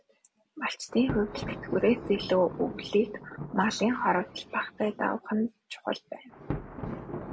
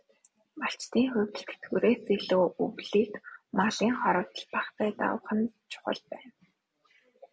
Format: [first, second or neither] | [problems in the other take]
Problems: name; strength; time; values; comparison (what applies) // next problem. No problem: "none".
second | background sound (Thunder); 11 dB below the speech